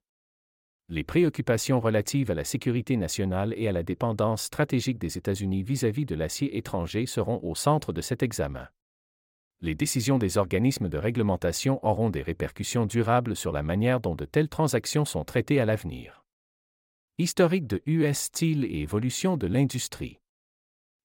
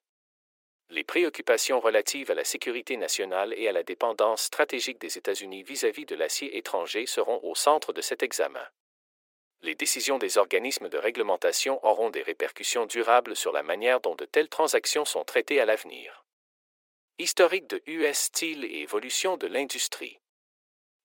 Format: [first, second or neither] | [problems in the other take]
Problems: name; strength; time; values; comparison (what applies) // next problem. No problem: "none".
first | thin; very; fading below 400 Hz